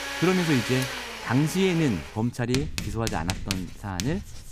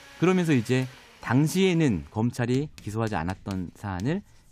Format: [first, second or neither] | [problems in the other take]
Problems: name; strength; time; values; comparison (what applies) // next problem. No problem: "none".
second | household noises; loud; throughout; 6 dB below the speech; faint in the second